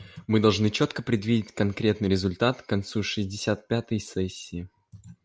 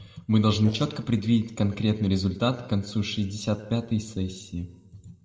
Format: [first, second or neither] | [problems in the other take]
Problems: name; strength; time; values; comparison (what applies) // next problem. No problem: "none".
first | noise reduction (neural separator model SepFormer DNS4)